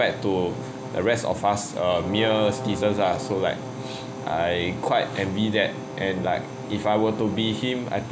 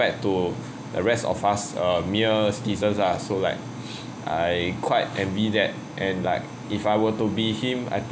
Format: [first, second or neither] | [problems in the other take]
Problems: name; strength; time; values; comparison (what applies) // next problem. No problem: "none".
second | background sound (Brass instrument); 13 dB below the speech